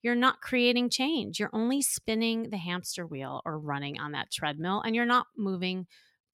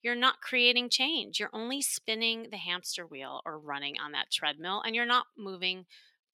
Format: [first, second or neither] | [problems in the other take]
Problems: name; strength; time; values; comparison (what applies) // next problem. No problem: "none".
first | thin; somewhat; fading below 350 Hz